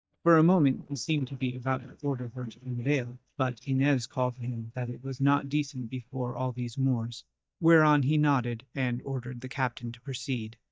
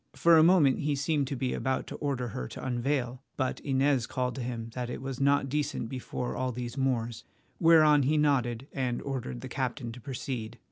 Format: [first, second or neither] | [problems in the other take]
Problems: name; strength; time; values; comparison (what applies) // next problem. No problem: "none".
second | noise reduction (neural mask model DeepFilterNet 3)